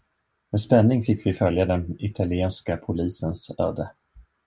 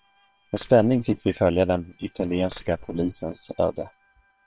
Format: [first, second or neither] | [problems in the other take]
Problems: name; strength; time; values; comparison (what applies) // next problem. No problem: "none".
first | noise reduction (neural separator model SepFormer WHAM!)